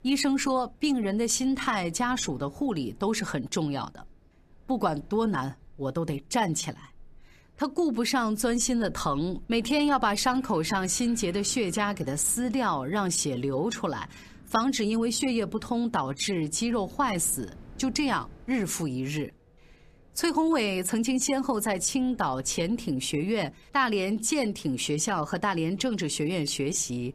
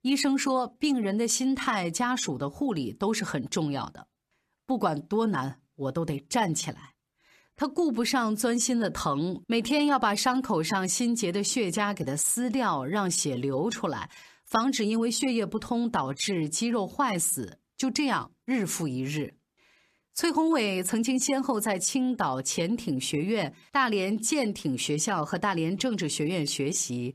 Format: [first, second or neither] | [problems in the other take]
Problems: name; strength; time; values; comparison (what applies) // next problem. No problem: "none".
second | wind in the background; faint; throughout; 25 dB below the speech